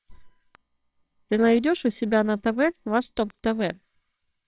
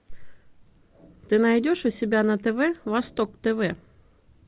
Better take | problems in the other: second | noise reduction (neural separator model SepFormer WHAMR!)

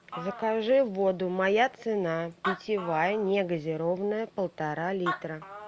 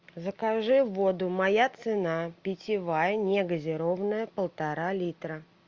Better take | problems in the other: second | background sound (Animal); 13 dB below the speech

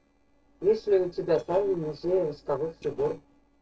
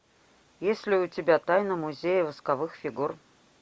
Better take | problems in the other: second | noise reduction (neural separator model SepFormer DNS4)

